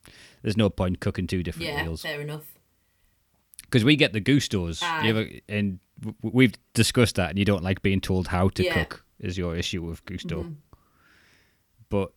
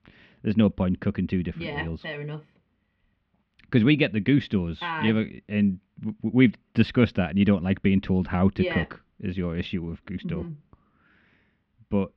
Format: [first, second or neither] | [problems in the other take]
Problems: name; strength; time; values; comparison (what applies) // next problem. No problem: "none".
first | muffled; slightly; fading above 3 kHz